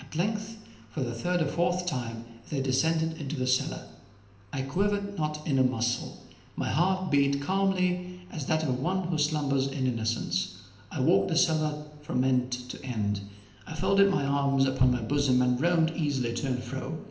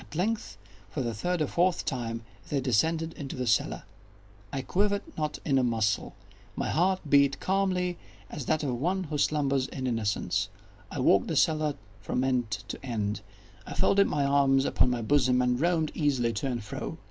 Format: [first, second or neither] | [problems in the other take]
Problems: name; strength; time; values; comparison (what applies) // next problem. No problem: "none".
second | room echo; dies away in 0.8 s